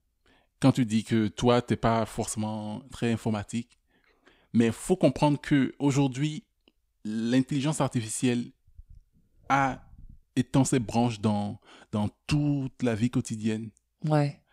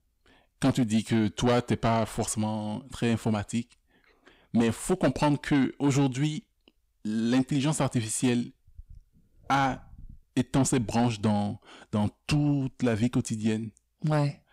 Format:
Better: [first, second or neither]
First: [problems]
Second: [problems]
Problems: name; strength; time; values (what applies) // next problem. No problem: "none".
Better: first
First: none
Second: distortion; slight; 10 dB below the speech